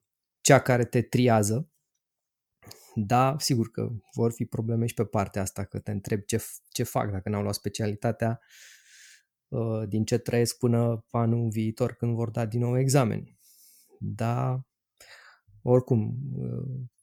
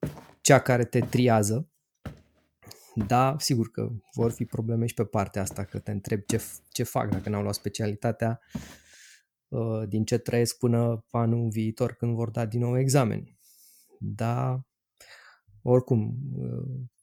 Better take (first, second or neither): first